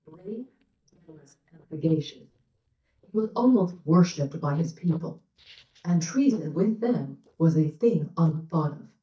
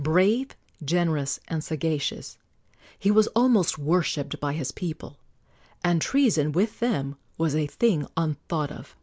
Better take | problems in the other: second | noise reduction (neural mask model DeepFilterNet 3)

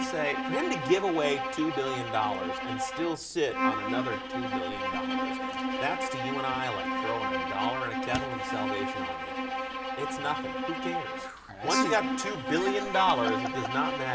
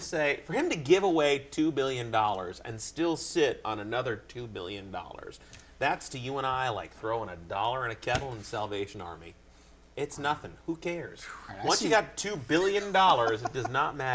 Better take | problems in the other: second | background sound (Bowed string instrument); as loud as the speech

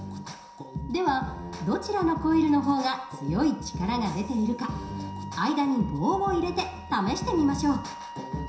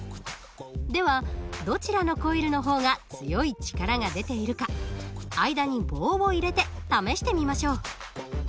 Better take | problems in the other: second | background sound (Wind instrument, woodwind instrument); 17 dB below the speech // room echo; dies away in 0.7 s

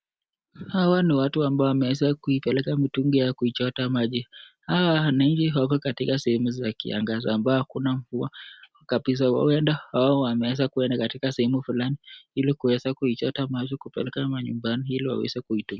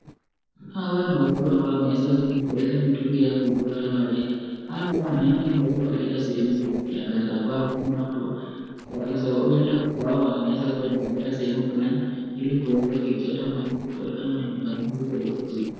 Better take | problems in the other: first | noise reduction (neural separator model SepFormer DNS4)

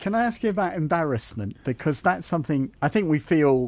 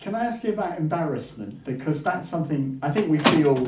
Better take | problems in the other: first | background sound (Squeak); 7 dB below the speech // room echo; dies away in 0.4 s

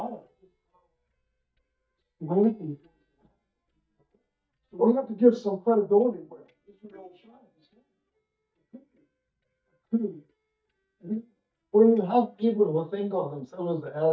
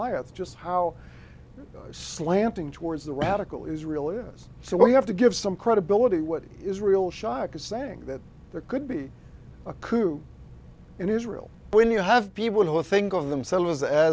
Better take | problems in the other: second | noise reduction (neural mask model DeepFilterNet 3)

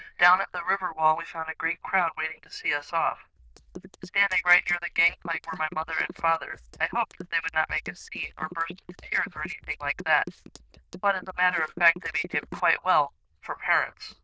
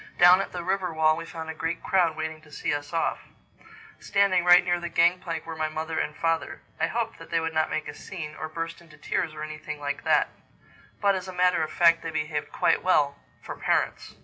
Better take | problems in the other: second | noise reduction (neural diffusion model UNIVERSE++)

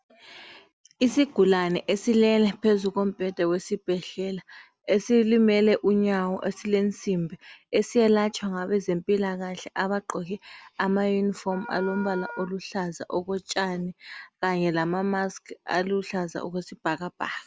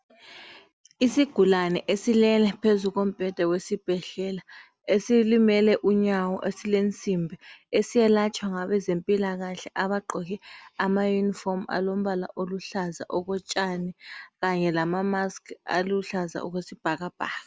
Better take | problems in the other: second | background sound (Wind instrument, woodwind instrument); 16 dB below the speech

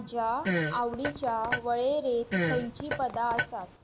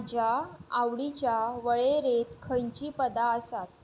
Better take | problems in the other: second | background sound (Fart); 3 dB below the speech

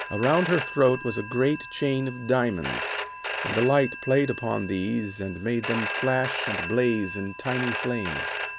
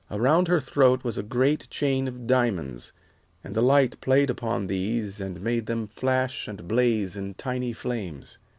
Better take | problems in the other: second | background sound (Telephone); 7 dB below the speech

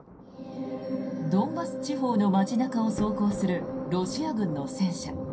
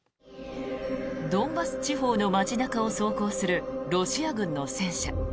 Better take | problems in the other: second | background sound (Thunder); 16 dB below the speech // room echo; dies away in 0.3 s

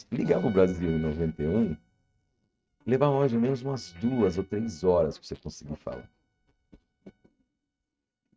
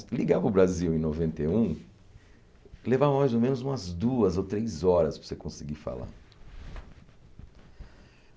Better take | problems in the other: second | noise reduction (neural mask model RNNoise)

